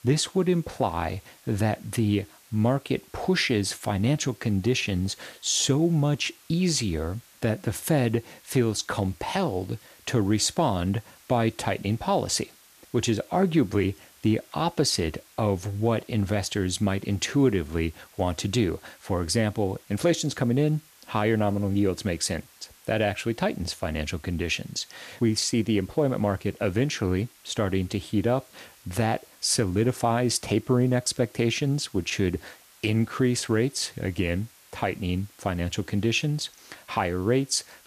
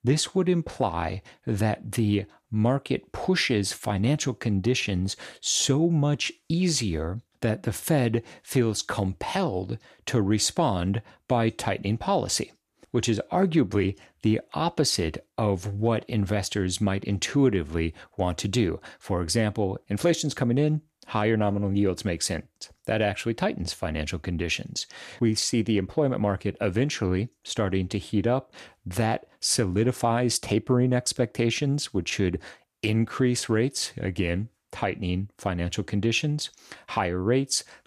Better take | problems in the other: second | hiss; faint; throughout; 25 dB below the speech

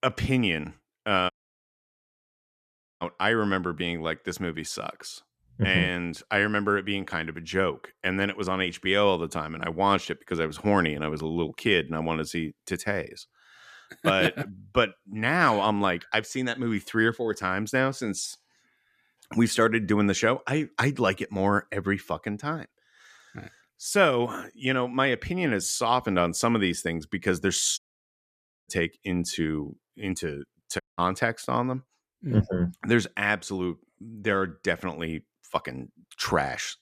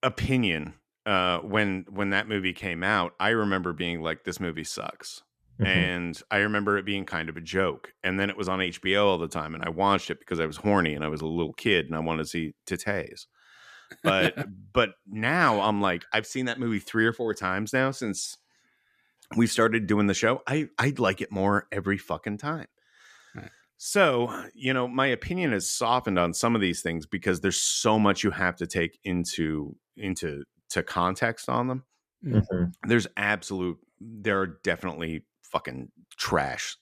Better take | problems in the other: second | audio cutting out; at 1.5 s for 1.5 s, at 28 s for 1 s and at 31 s

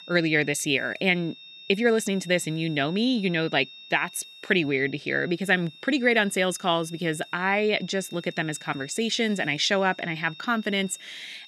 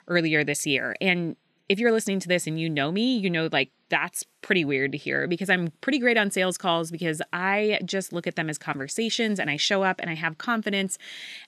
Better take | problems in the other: second | high-pitched whine; noticeable; throughout; 3.5 kHz, 20 dB below the speech

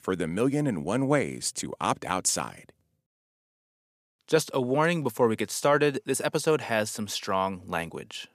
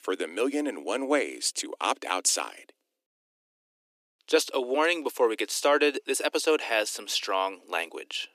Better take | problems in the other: first | thin; very slightly; fading below 300 Hz

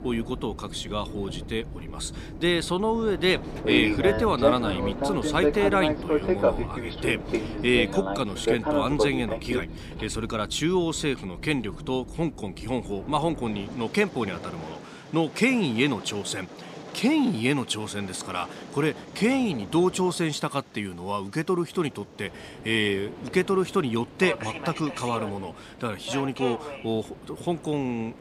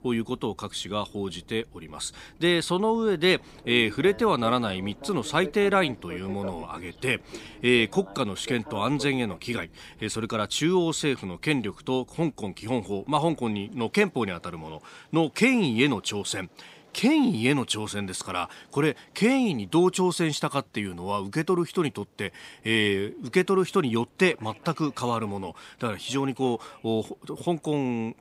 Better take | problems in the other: second | train or aircraft noise; loud; throughout; 5 dB below the speech; faint in the second

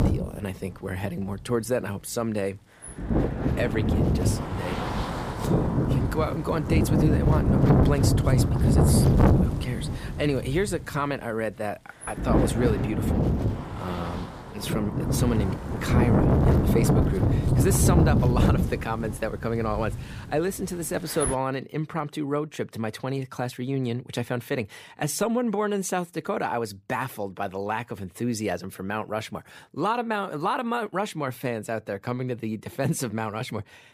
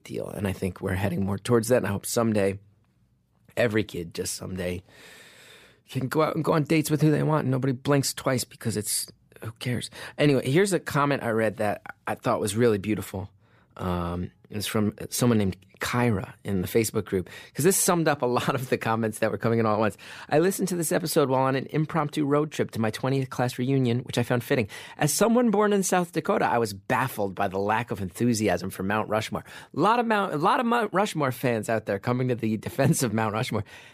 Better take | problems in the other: second | wind noise on the microphone; heavy; until 21 s; as loud as the speech

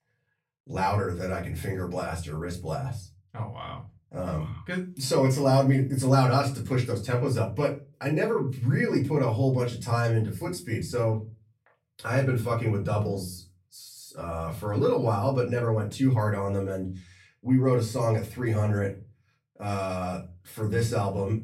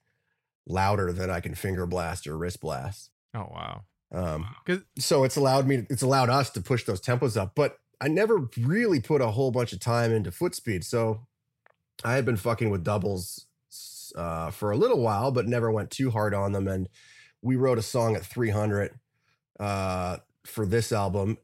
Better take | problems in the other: second | off-mic speech; far // room echo; very slight; dies away in 0.3 s

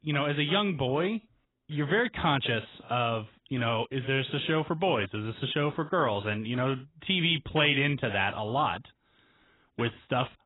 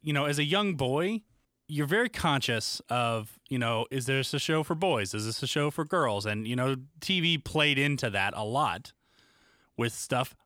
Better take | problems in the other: second | garbled, watery; badly; nothing above 3.5 kHz

